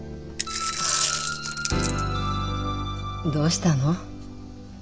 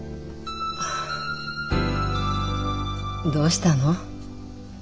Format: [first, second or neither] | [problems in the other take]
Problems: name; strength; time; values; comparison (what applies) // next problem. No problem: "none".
second | background sound (Coin (dropping)); 4 dB below the speech